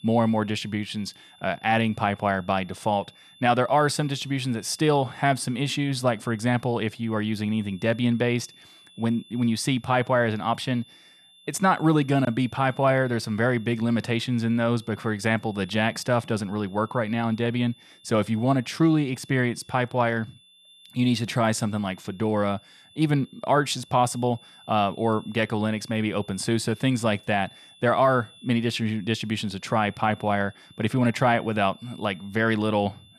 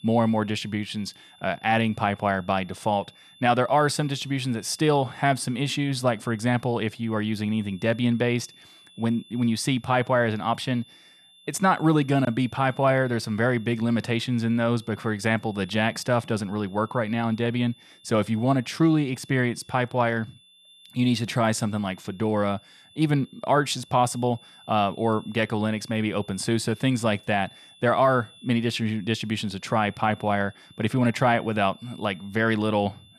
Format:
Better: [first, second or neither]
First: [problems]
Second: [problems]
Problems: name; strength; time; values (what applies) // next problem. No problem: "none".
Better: neither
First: high-pitched whine; faint; throughout; 3.5 kHz, 25 dB below the speech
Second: high-pitched whine; faint; throughout; 3.5 kHz, 25 dB below the speech